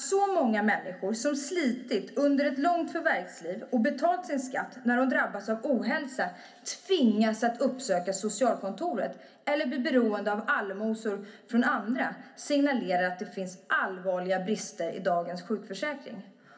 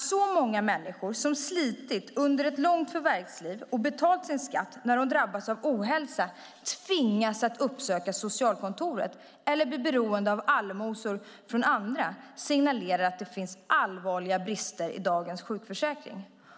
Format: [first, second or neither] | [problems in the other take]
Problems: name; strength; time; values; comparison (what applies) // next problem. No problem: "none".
second | room echo; dies away in 0.3 s